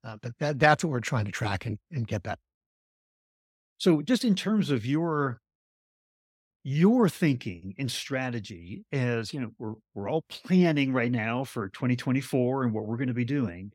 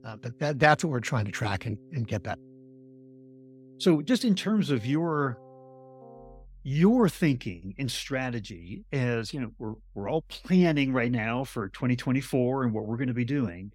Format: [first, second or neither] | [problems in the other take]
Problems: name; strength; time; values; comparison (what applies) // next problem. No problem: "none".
first | background music; faint; throughout; 25 dB below the speech